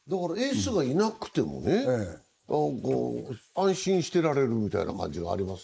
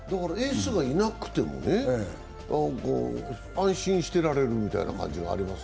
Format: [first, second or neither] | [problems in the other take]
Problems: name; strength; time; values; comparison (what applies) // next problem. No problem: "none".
second | noise reduction (neural mask model Resemble Enhance denoiser)